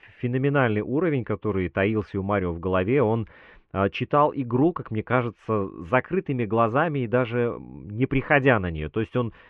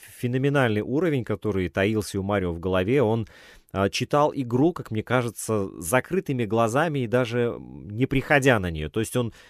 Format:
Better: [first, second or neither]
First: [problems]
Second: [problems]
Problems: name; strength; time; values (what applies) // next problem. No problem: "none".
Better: second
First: muffled; very; fading above 2.5 kHz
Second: none